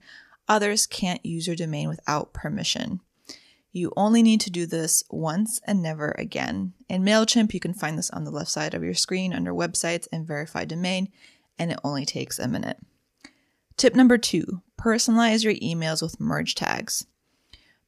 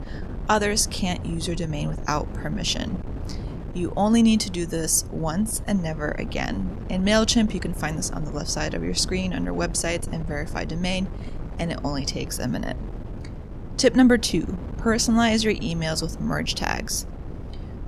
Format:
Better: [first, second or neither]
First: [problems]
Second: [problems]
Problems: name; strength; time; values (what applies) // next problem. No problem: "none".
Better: first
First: none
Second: wind noise on the microphone; occasional gusts; 15 dB below the speech